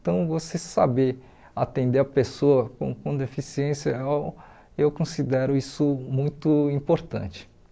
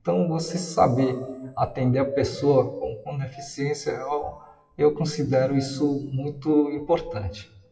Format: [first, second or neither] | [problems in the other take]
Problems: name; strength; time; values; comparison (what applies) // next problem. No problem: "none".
first | noise reduction (classical method WPE with log-MMSE)